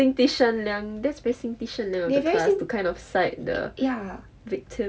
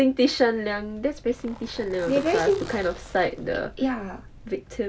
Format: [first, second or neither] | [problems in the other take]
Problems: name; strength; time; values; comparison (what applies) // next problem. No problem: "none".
first | background sound (Zipper (clothing)); 17 dB below the speech